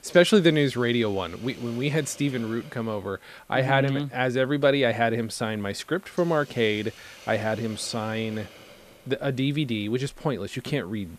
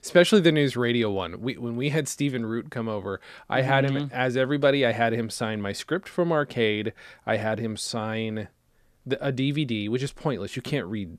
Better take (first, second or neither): second